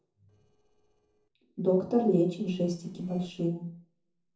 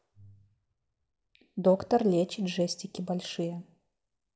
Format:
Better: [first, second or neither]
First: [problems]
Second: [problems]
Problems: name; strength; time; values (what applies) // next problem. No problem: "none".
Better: second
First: noise reduction (neural separator model SepFormer DNS4)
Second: none